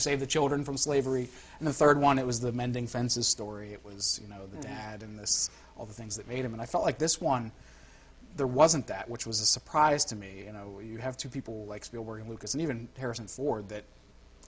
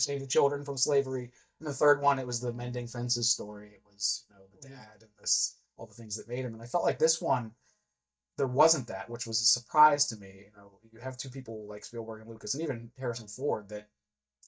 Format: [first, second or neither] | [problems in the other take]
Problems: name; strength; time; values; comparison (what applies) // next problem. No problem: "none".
first | noise reduction (neural mask model DeepFilterNet 3)